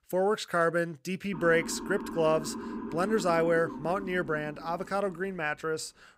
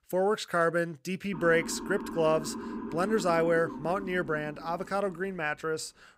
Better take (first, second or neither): neither